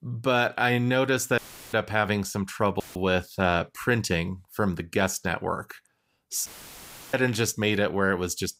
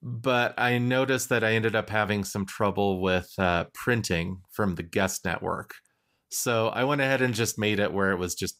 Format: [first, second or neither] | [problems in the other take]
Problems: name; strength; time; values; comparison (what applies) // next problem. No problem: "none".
second | audio cutting out; filled with static; at 1.5 s, at 3 s and at 6.5 s for 0.5 s